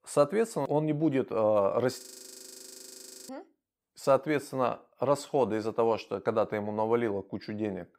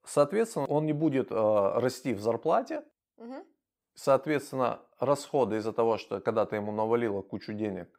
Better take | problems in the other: second | audio freezing; at 2 s for 1.5 s

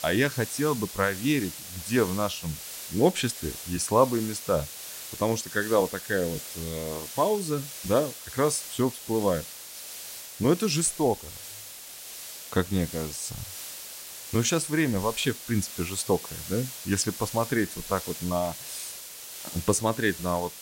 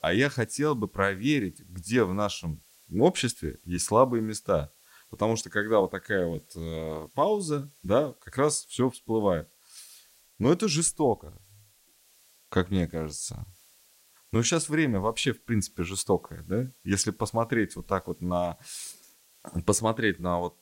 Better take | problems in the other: second | hiss; loud; throughout; 10 dB below the speech; faint in the second

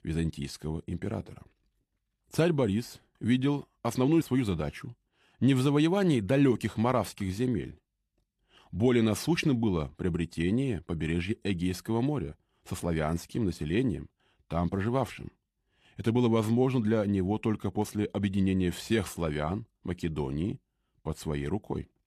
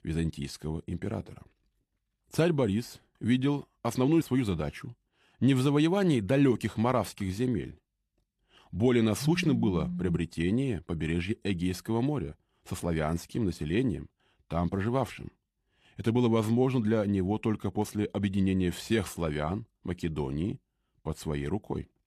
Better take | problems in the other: first | phone ringing; noticeable; at 9 s; peak 4 dB below the speech

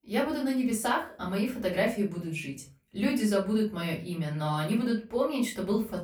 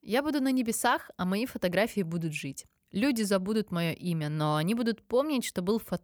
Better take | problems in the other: second | off-mic speech; far // room echo; slight; dies away in 0.3 s

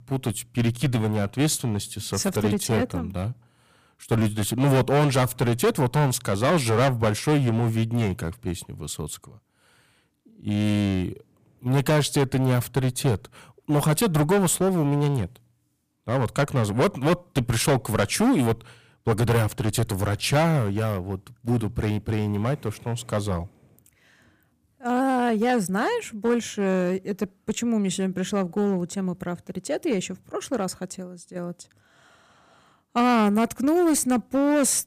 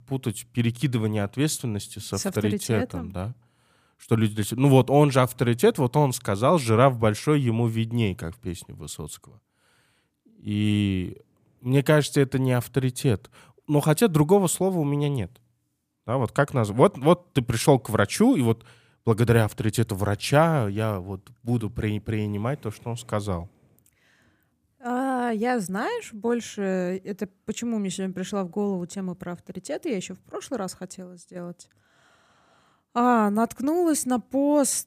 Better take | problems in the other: second | distortion; heavy; 9% of the sound clipped

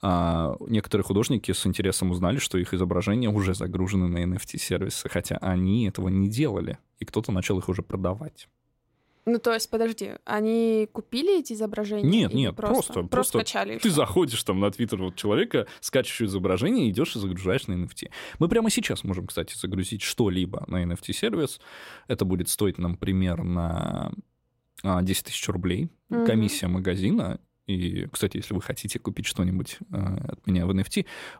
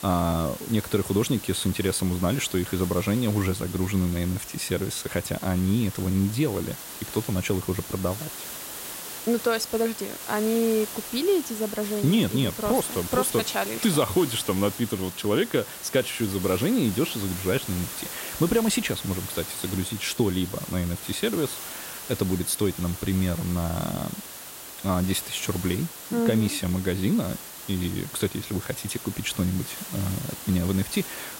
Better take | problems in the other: first | hiss; loud; throughout; 9 dB below the speech

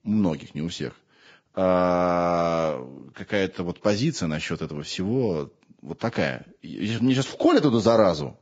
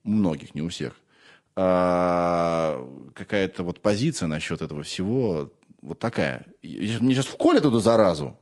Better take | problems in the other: second | garbled, watery; badly; nothing above 7.5 kHz; slightly in the second

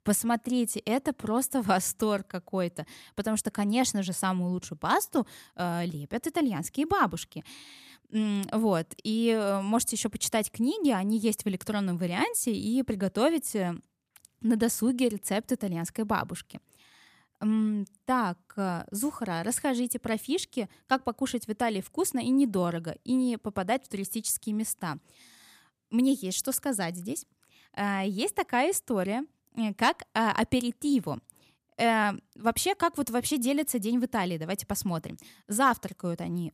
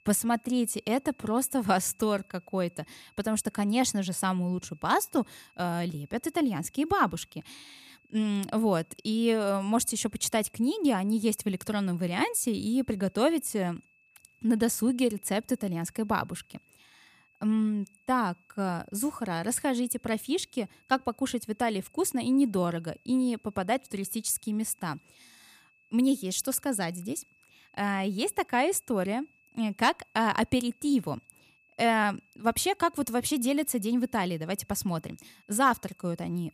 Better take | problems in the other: first | high-pitched whine; faint; throughout; 2.5 kHz, 35 dB below the speech

